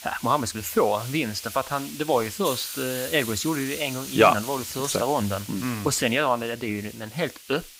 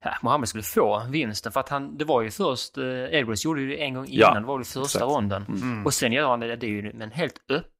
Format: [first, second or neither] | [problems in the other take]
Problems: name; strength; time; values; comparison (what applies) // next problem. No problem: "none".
second | hiss; noticeable; throughout; 10 dB below the speech